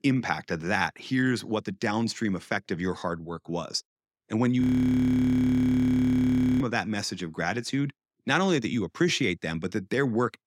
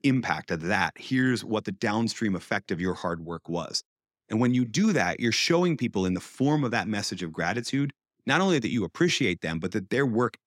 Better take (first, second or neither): second